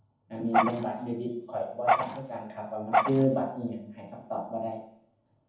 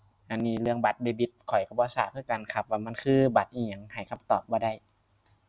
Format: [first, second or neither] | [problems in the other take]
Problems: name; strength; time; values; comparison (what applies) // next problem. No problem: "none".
second | background sound (Dog); 3 dB above the speech // room echo; dies away in 0.7 s